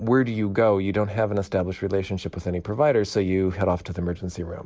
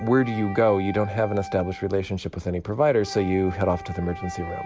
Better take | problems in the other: first | background sound (Wind instrument, woodwind instrument); 14 dB below the speech

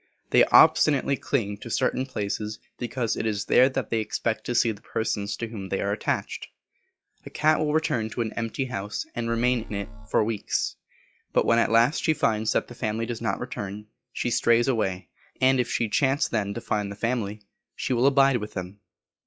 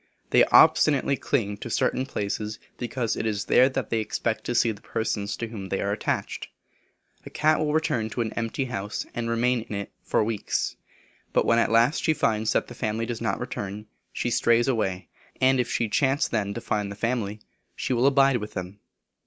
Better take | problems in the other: second | noise reduction (classical method log-MMSE)

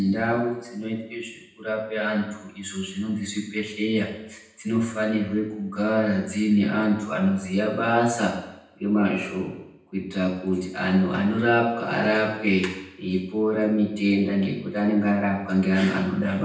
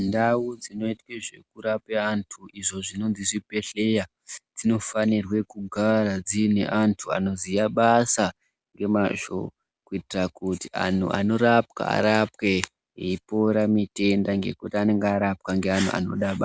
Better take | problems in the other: second | room echo; dies away in 0.9 s

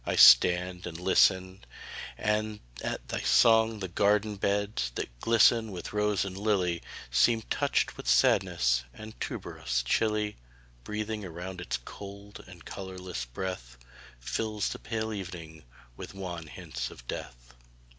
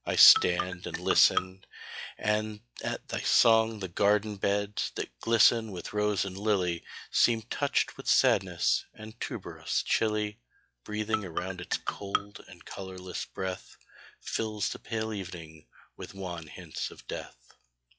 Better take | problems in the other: first | noise reduction (classical method log-MMSE)

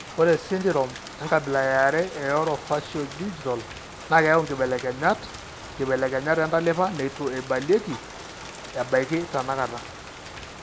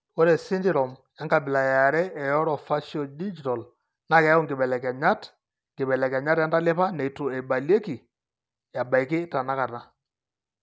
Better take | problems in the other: second | background sound (Rain); 14 dB below the speech

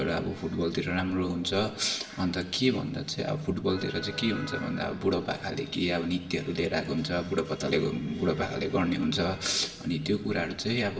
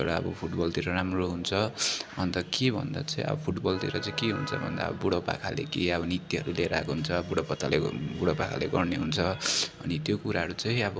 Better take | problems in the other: second | room echo; dies away in 0.8 s

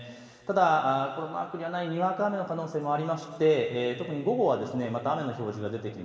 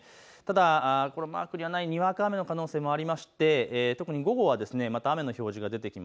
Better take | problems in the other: second | room echo; dies away in 2.5 s

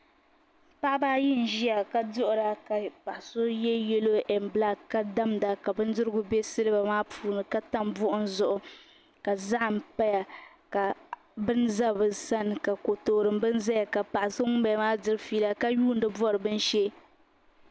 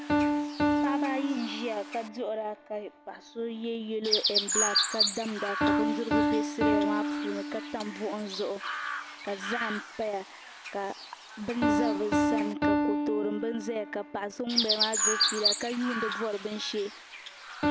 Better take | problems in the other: first | background sound (Chirp, tweet + Piano); 4 dB above the speech

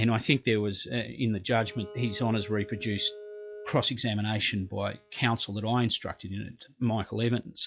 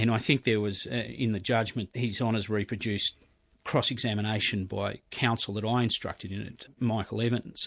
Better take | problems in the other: second | noise reduction (classical method log-MMSE)

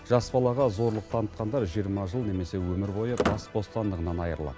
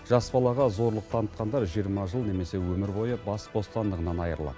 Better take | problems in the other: second | background sound (Squeak); 10 dB below the speech

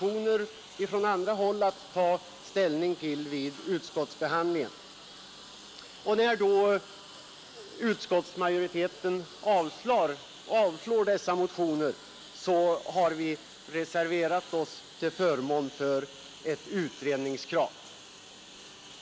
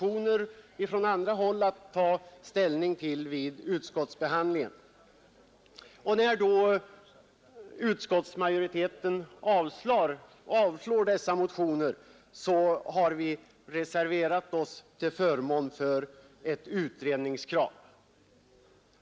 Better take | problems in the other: second | background sound (Engine); 19 dB below the speech

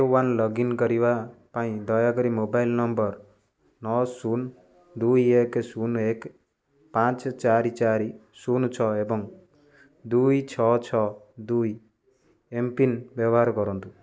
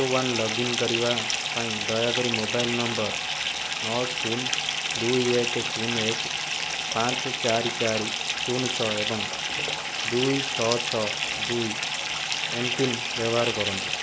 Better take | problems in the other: first | background sound (Fill (with liquid) / Bathtub (filling or washing)); 1 dB above the speech

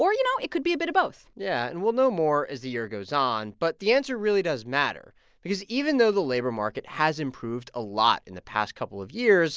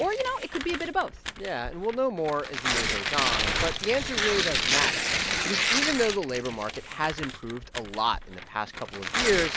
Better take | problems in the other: first | background sound (Tearing); as loud as the speech

